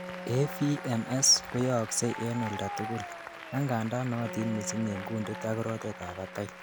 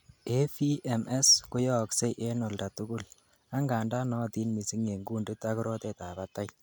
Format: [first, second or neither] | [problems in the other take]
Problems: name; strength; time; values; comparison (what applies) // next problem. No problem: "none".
second | background sound (Bowed string instrument + Applause); 10 dB below the speech